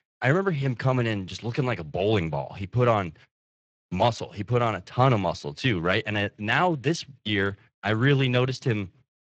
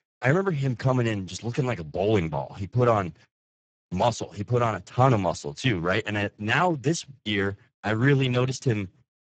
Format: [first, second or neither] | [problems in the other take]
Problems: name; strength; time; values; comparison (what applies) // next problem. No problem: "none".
first | garbled, watery; badly; nothing above 8 kHz; slightly in the first